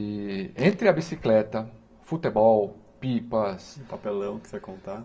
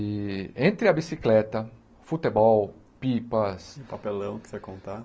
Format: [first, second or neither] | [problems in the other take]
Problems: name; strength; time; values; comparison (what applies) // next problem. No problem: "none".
second | background sound (Fart); 18 dB below the speech // room echo; dies away in 0.3 s